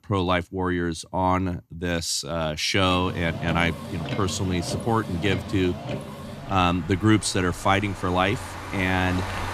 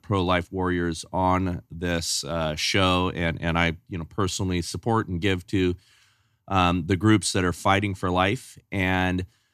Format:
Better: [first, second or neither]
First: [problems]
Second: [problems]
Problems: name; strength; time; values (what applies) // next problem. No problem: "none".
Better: second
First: traffic noise; loud; from 3 s on; 10 dB below the speech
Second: none